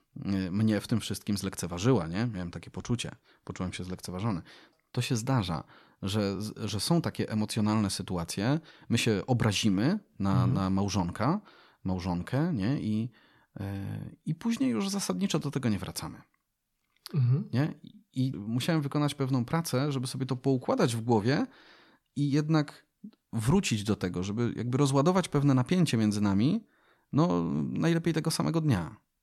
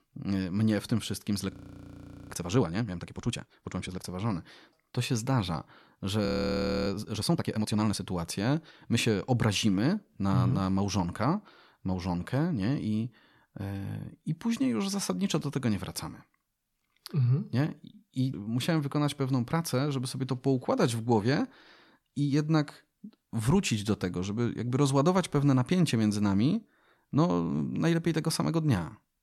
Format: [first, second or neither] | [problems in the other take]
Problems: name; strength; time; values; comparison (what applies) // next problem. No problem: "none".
first | audio freezing; at 1.5 s for 1 s and at 6.5 s for 0.5 s